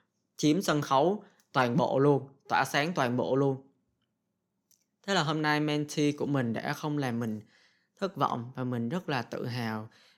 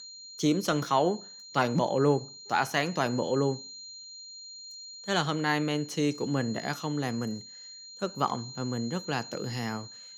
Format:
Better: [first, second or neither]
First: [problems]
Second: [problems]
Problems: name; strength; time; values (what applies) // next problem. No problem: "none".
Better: first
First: none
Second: high-pitched whine; noticeable; throughout; 4 kHz, 15 dB below the speech